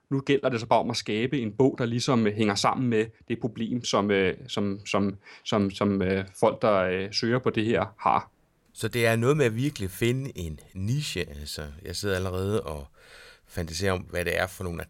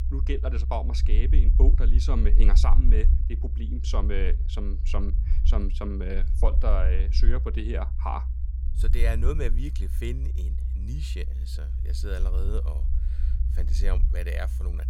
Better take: first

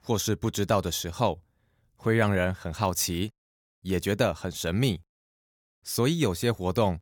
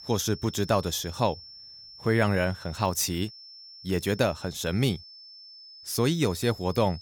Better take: first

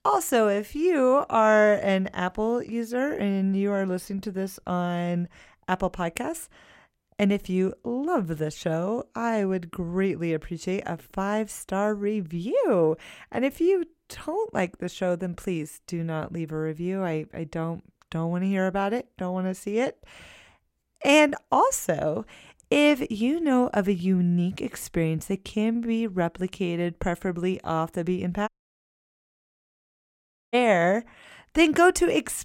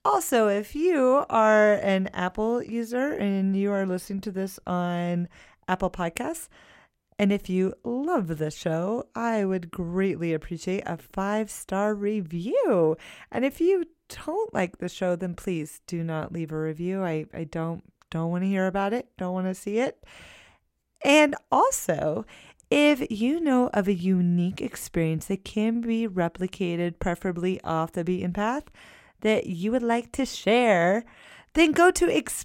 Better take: second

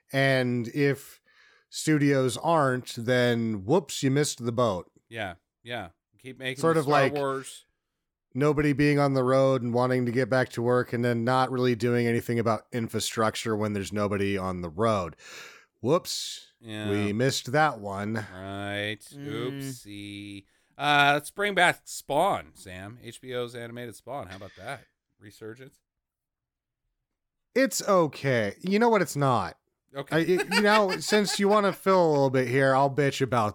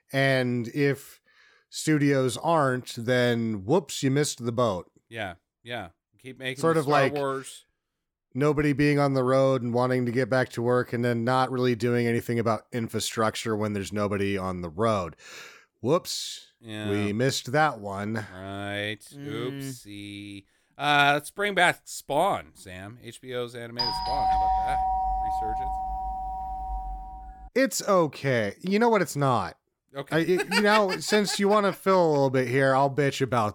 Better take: first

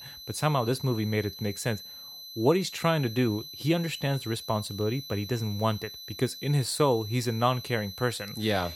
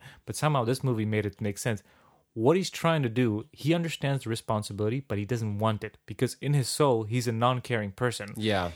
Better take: second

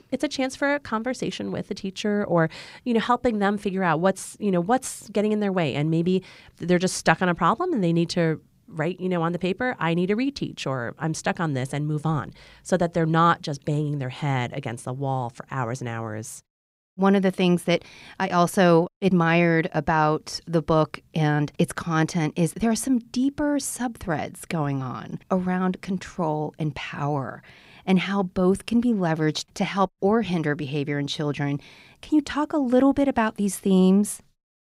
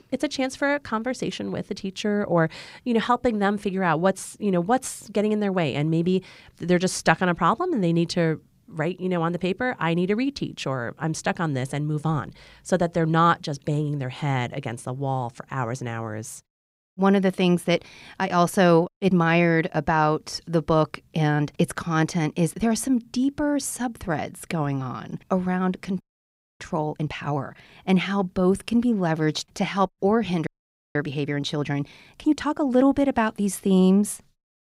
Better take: first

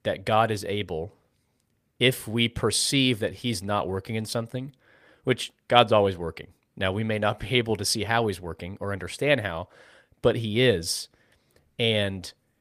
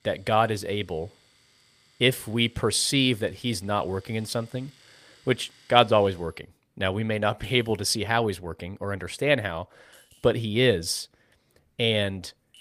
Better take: first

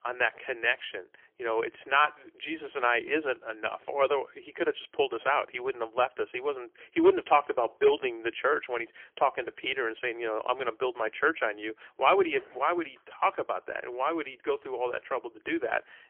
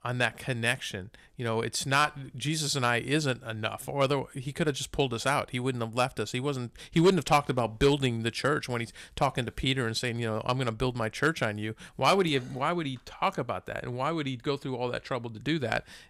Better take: second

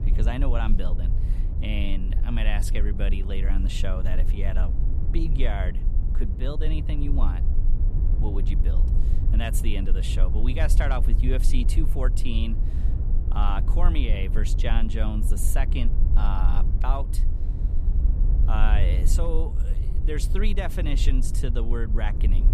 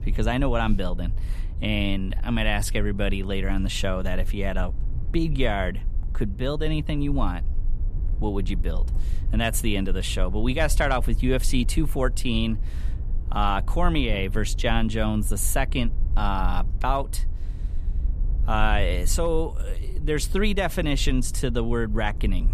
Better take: second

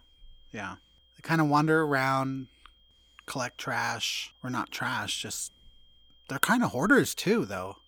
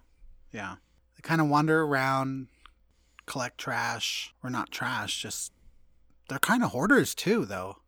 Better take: second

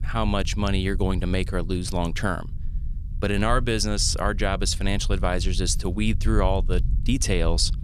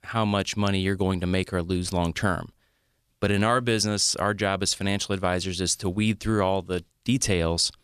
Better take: second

